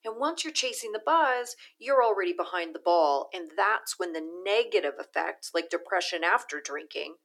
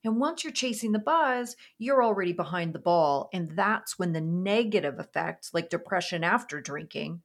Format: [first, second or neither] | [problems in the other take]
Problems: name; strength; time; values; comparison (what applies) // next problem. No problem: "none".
second | thin; very; fading below 300 Hz